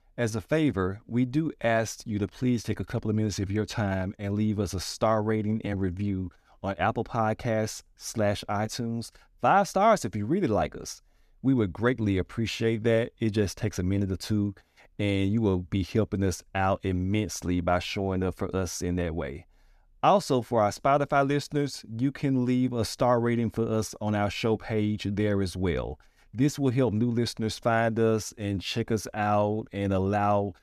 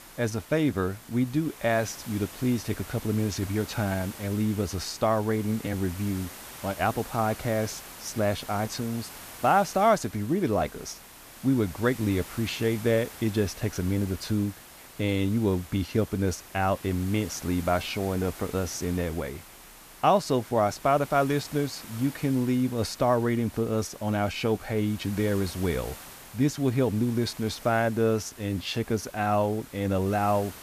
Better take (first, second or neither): first